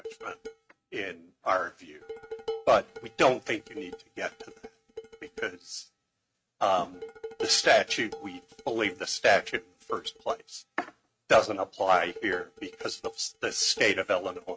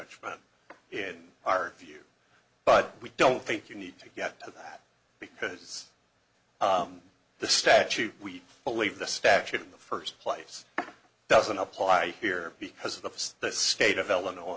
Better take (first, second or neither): second